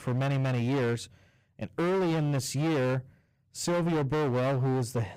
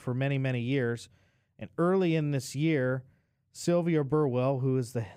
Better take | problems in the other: second | distortion; heavy; 29% of the sound clipped

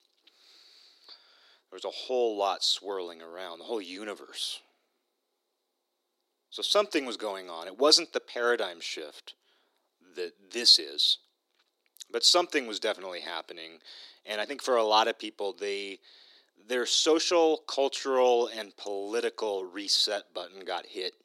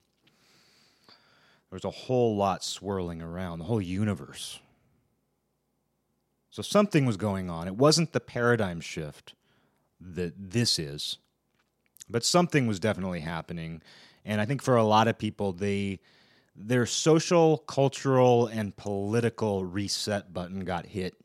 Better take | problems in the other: second | thin; very; fading below 300 Hz

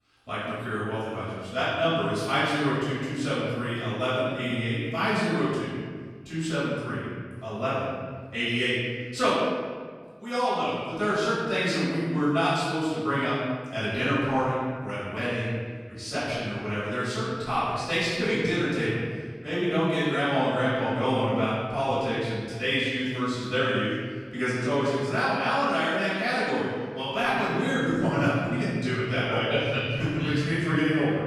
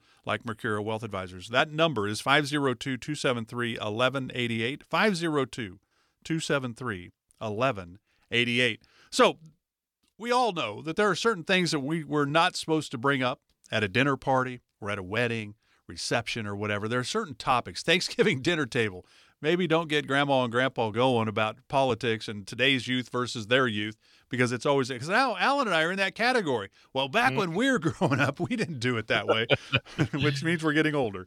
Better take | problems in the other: second | off-mic speech; far // room echo; strong; dies away in 1.6 s

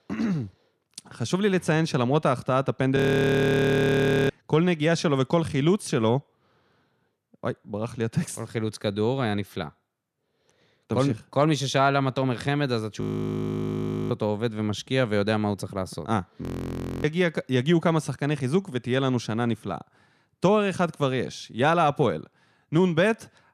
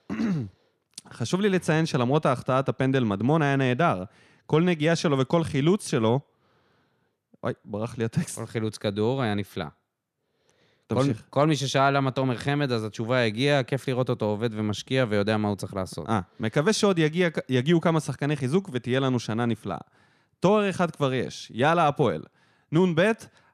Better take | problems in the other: second | audio freezing; at 3 s for 1.5 s, at 13 s for 1 s and at 16 s for 0.5 s

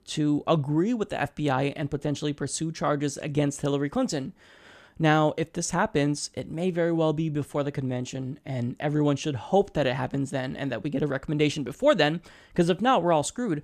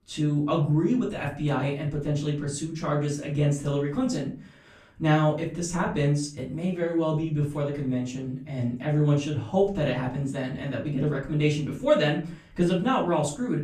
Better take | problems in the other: first | room echo; slight; dies away in 0.3 s // off-mic speech; far

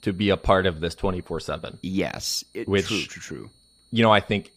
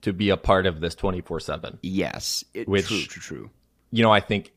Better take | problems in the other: second | high-pitched whine; faint; throughout; 4.5 kHz, 35 dB below the speech

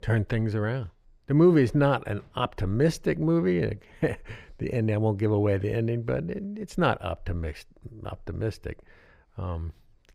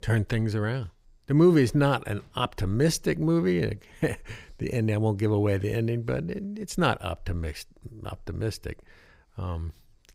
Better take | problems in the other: second | muffled; slightly; fading above 4 kHz

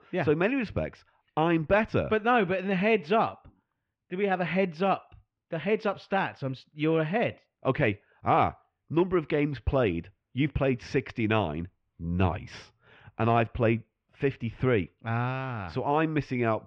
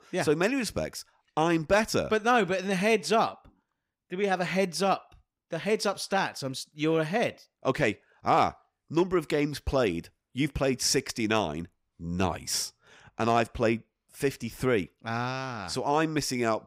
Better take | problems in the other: second | muffled; very; fading above 3 kHz

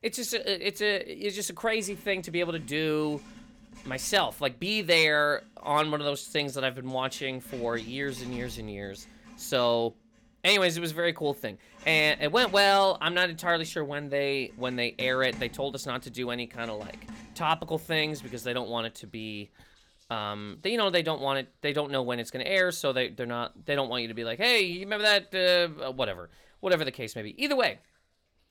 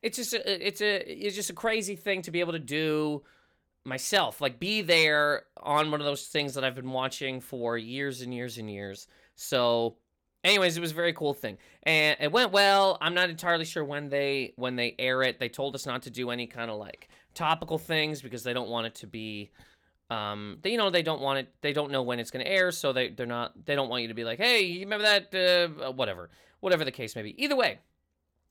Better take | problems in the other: second | household noises; faint; throughout; 25 dB below the speech

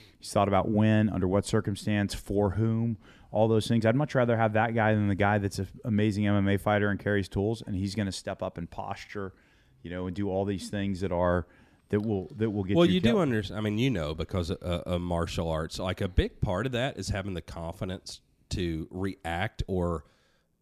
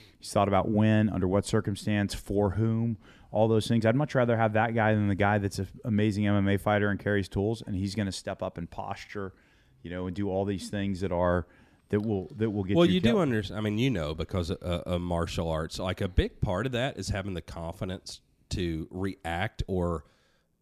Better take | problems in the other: neither | none

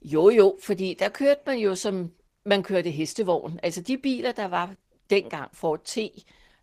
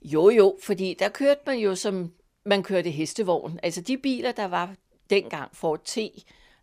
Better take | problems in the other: second | garbled, watery; slightly; nothing above 15 kHz

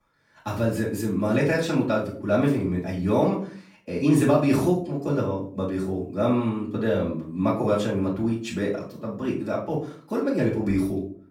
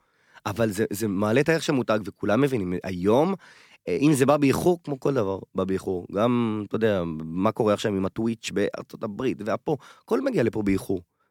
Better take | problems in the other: second | room echo; slight; dies away in 0.4 s // off-mic speech; far

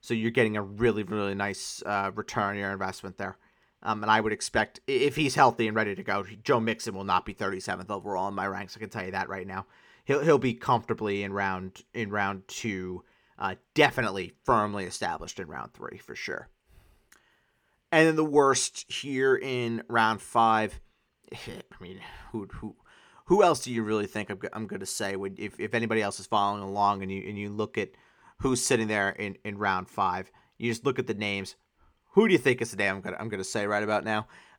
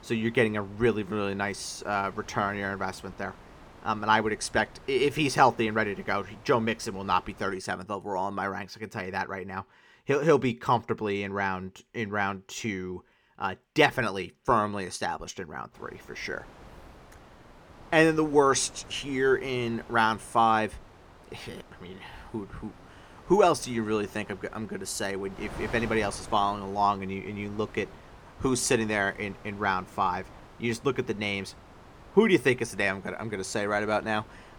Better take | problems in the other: first | wind noise on the microphone; occasional gusts; until 7.5 s and from 16 s on; 20 dB below the speech

